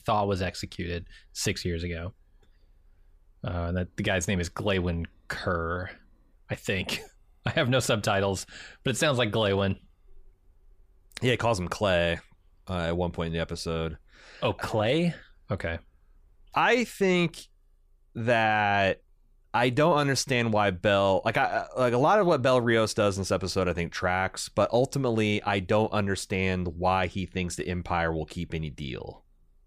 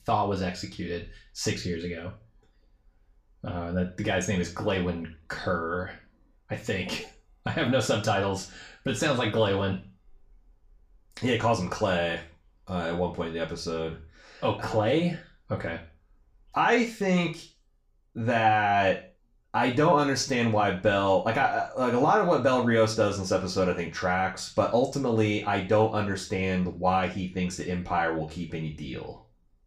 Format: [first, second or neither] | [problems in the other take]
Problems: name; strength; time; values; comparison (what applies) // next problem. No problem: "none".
first | room echo; slight; dies away in 0.3 s // off-mic speech; far